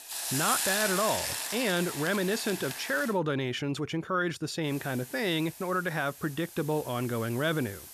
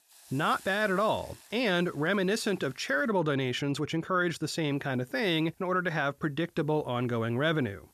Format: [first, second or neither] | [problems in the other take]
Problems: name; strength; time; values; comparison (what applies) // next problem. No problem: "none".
second | hiss; loud; until 3 s and from 4.5 s on; 3 dB below the speech; faint in the second